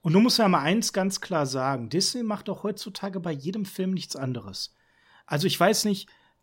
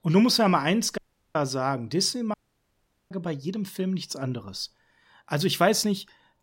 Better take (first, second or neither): first